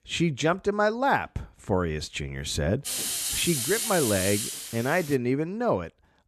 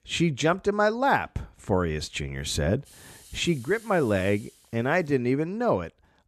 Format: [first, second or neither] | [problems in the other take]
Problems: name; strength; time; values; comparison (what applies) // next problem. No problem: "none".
second | hiss; loud; from 3 to 5 s; 1 dB below the speech; faint in the second